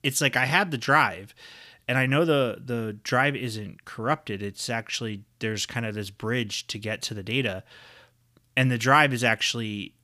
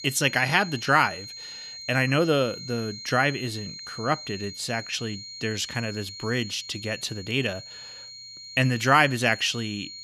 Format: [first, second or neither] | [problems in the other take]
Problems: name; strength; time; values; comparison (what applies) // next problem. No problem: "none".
first | high-pitched whine; noticeable; throughout; 4 kHz, 10 dB below the speech